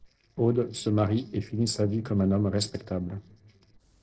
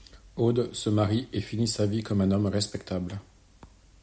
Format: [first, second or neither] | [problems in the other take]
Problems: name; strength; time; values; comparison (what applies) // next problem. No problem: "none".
second | noise reduction (neural separator model SepFormer DNS4)